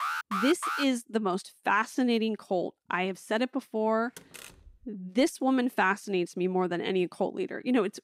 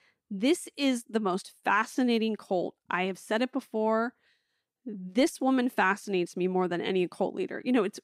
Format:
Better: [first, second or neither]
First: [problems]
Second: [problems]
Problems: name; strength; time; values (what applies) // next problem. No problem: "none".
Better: second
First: alarm; noticeable; at the start; peak 2 dB below the speech // door banging; faint; at 4 s; peak 15 dB below the speech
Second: none